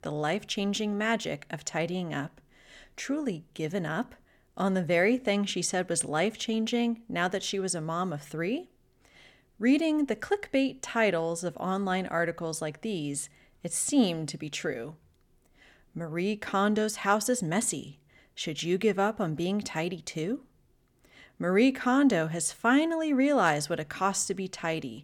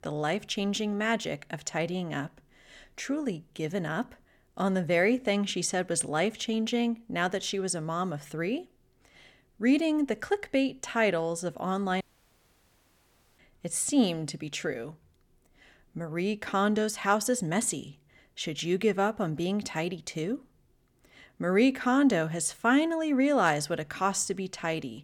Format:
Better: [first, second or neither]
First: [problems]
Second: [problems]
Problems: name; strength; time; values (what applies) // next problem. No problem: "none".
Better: first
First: none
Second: audio cutting out; at 12 s for 1.5 s